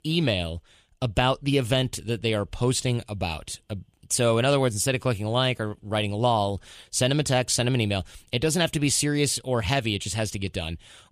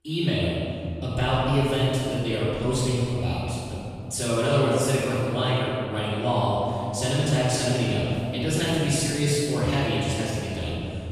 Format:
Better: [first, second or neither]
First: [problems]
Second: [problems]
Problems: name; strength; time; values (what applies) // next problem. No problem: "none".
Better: first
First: none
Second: room echo; strong; dies away in 2.7 s // off-mic speech; far